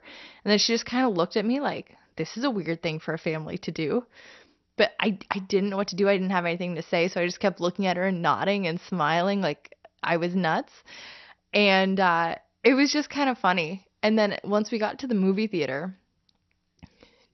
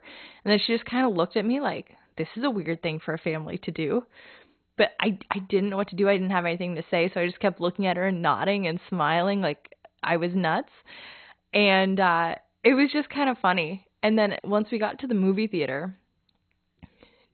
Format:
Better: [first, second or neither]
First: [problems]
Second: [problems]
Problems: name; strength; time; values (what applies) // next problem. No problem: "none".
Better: first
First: garbled, watery; slightly; nothing above 6 kHz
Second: garbled, watery; badly; nothing above 4 kHz